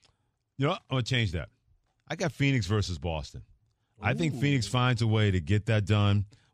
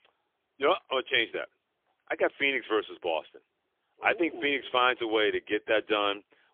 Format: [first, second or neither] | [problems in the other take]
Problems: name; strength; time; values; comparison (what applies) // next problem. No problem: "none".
first | phone-call audio; poor line; nothing above 3.5 kHz